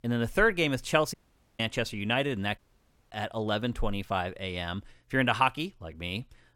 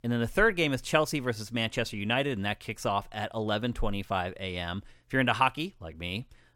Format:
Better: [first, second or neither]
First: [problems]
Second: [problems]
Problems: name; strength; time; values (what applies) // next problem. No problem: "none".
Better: second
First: audio cutting out; at 1 s and at 2.5 s for 0.5 s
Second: none